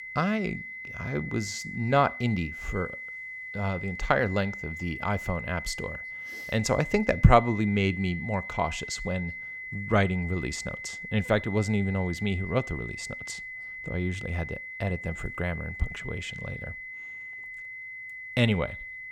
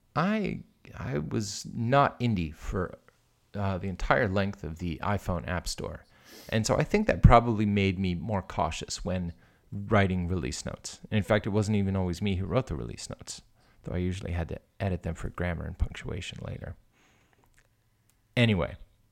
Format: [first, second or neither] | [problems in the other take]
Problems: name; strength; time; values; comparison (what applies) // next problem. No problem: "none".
second | high-pitched whine; loud; throughout; 2 kHz, 8 dB below the speech